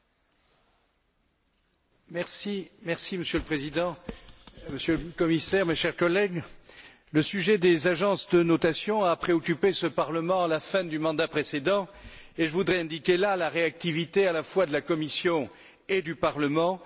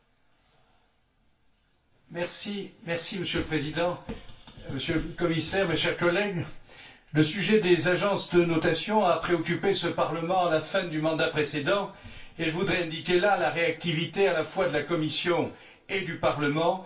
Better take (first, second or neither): first